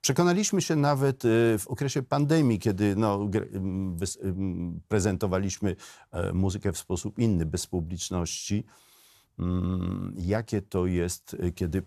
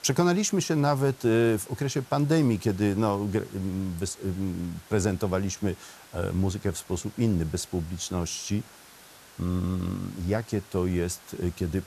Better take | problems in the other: first | hiss; faint; throughout; 20 dB below the speech

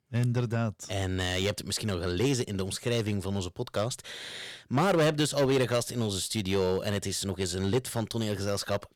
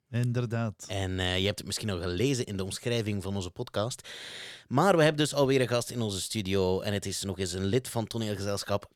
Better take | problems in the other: second | distortion; slight; 4% of the sound clipped

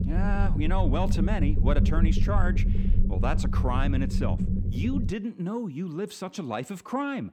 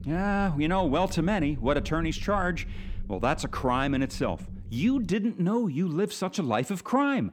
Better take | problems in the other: second | low rumble; loud; until 5 s; 6 dB below the speech; faint in the second

